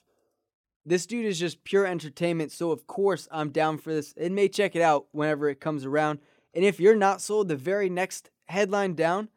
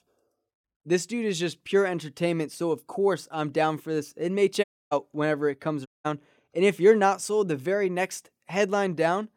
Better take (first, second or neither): first